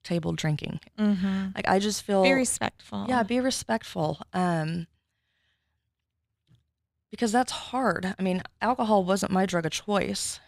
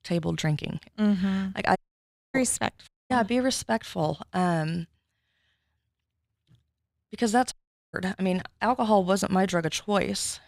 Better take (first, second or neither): first